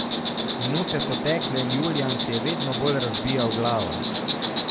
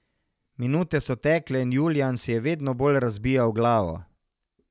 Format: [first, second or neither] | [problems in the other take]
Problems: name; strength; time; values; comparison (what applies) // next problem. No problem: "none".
second | background sound (Insect); 1 dB above the speech